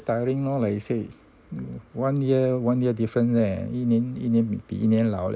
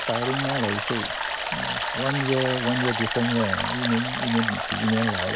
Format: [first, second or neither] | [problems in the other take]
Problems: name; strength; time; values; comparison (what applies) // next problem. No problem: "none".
first | background sound (Stream); 1 dB below the speech